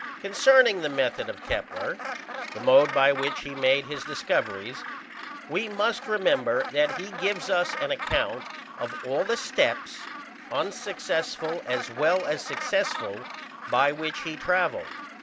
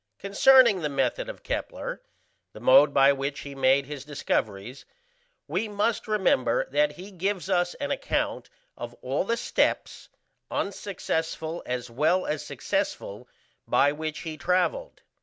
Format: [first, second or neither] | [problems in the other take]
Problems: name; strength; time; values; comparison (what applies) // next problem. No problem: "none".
second | background sound (Gull, seagull); 10 dB below the speech